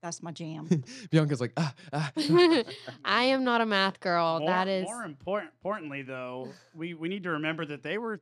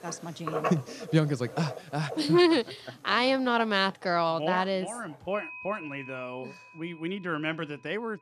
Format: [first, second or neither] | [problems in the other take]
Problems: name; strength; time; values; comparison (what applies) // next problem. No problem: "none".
first | household noises; noticeable; throughout; 10 dB below the speech